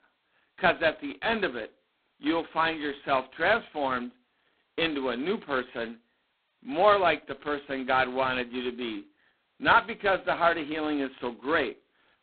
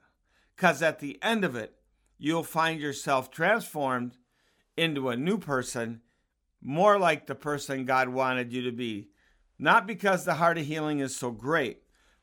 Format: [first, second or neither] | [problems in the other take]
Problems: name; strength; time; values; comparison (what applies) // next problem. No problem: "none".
second | phone-call audio; poor line; nothing above 4 kHz